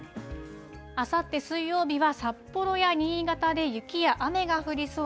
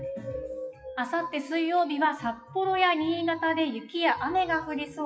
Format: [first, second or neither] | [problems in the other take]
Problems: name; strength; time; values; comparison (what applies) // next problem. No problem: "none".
first | noise reduction (classical method WPE with log-MMSE)